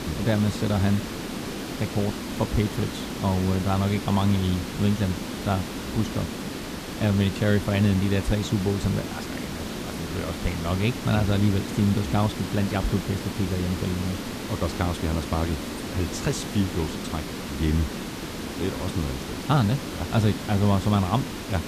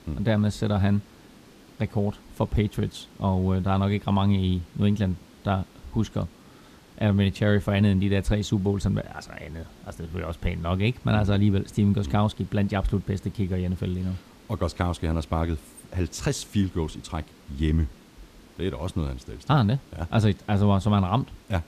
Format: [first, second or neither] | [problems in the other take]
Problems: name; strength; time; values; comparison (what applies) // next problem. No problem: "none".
second | hiss; loud; throughout; 6 dB below the speech; faint in the second